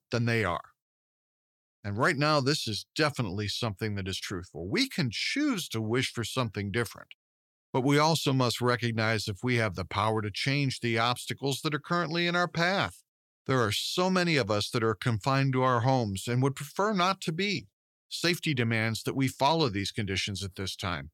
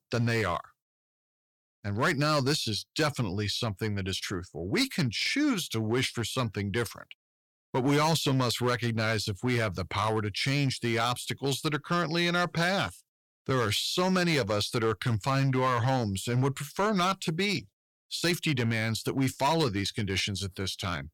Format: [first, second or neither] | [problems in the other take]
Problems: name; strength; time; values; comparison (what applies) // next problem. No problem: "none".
first | distortion; slight; 5% of the sound clipped